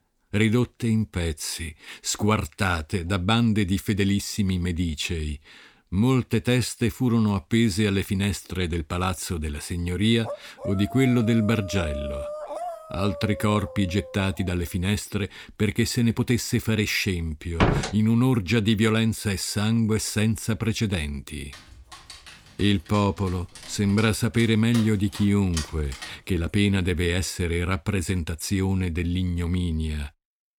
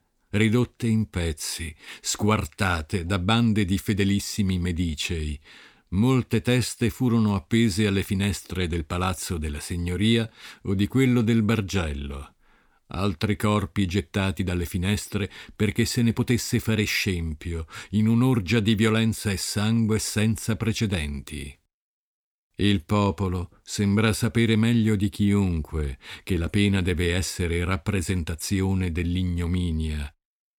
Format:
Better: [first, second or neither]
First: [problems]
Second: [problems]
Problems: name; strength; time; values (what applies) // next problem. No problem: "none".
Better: second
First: dog barking; noticeable; from 10 to 15 s and from 22 to 26 s; peak 8 dB below the speech // door banging; loud; at 18 s; peak 2 dB above the speech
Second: none